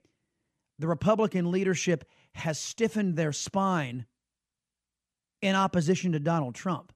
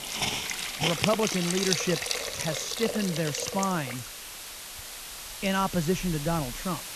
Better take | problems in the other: first | hiss; loud; throughout; 2 dB below the speech

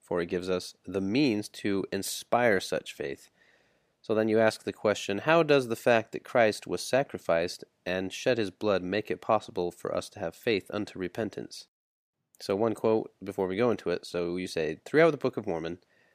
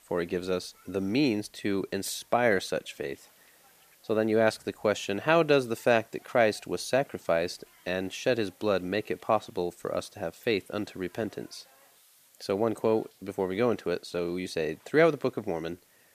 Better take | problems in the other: first | hiss; faint; throughout; 30 dB below the speech

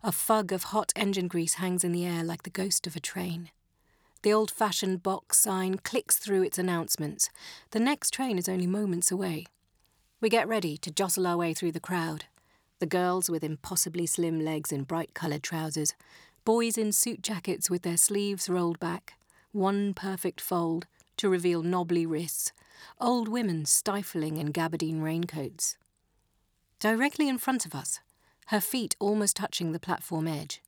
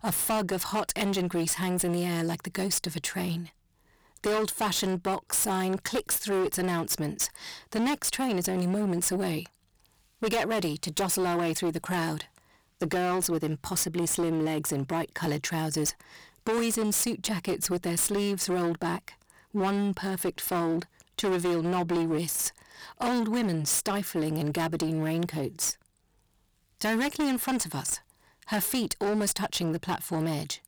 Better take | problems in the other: first | distortion; heavy; 19% of the sound clipped

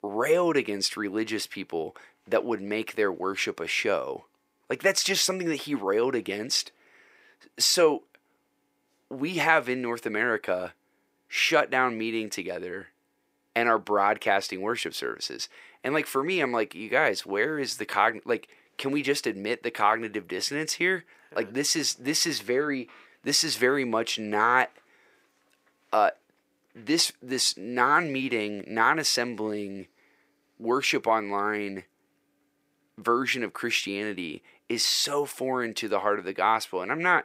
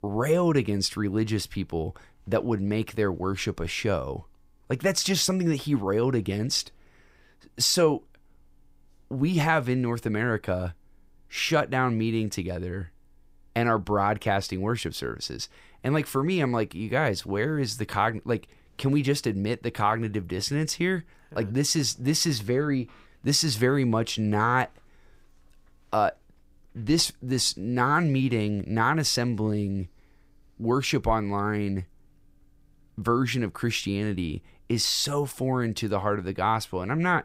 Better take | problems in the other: second | thin; somewhat; fading below 400 Hz

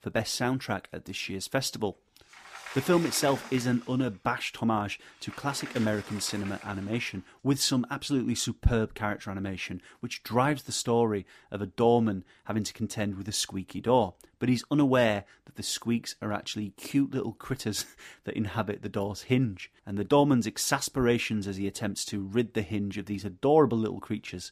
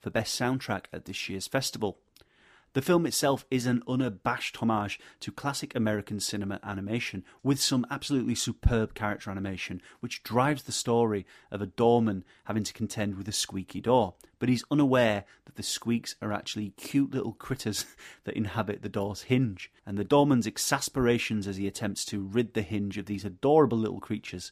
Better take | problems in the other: second | door banging; noticeable; from 2.5 to 7 s; peak 9 dB below the speech

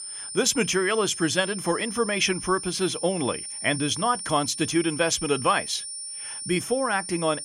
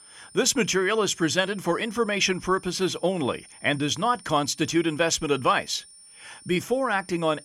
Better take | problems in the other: second | high-pitched whine; loud; throughout; 9.5 kHz, 8 dB below the speech; faint in the second

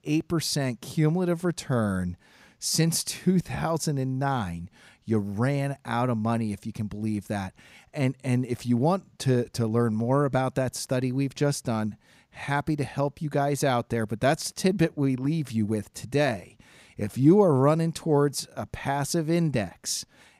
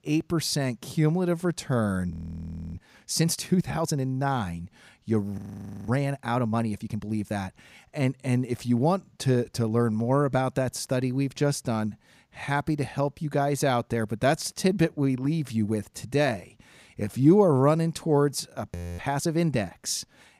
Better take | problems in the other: first | audio freezing; at 2 s for 0.5 s, at 5.5 s for 0.5 s and at 19 s

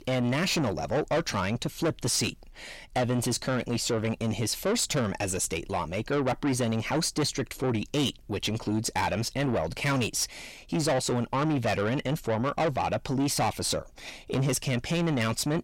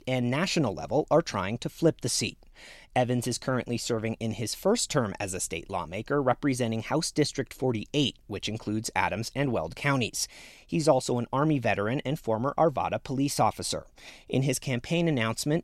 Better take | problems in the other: second | distortion; heavy; 7 dB below the speech

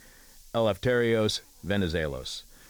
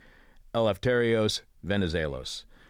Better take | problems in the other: second | hiss; faint; throughout; 25 dB below the speech

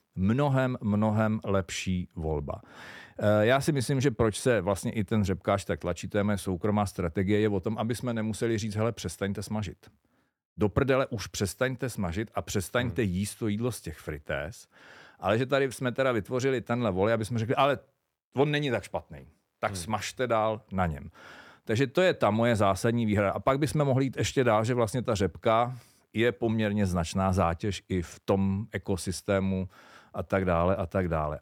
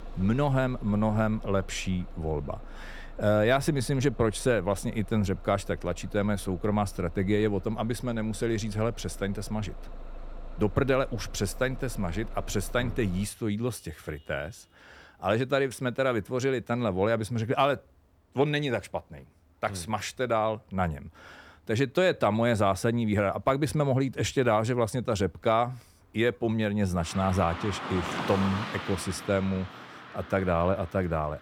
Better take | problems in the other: first | traffic noise; noticeable; throughout; 15 dB below the speech

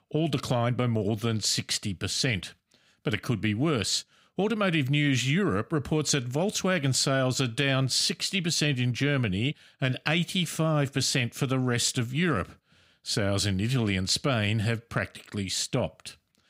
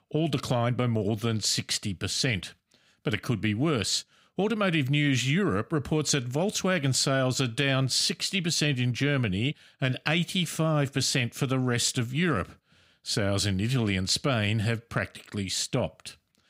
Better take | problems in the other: neither | none

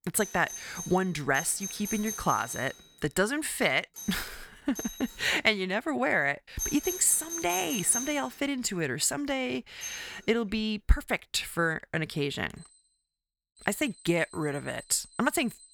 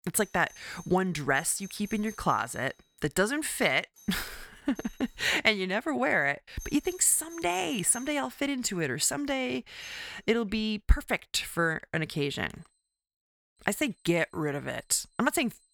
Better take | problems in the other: second | alarms or sirens; loud; throughout; 9 dB below the speech; faint in the second

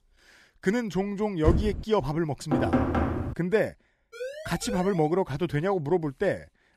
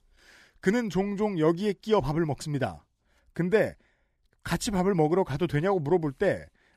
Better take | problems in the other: second | door banging; loud; at 1.5 s and at 2.5 s; peak 3 dB above the speech // siren; noticeable; at 4 s; peak 10 dB below the speech

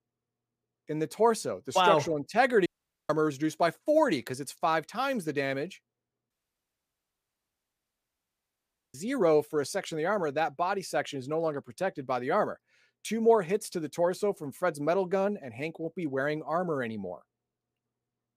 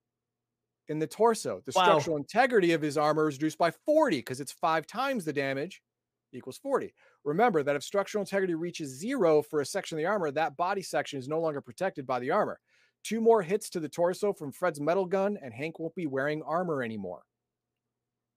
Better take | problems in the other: second | audio cutting out; at 2.5 s and at 6.5 s for 2.5 s

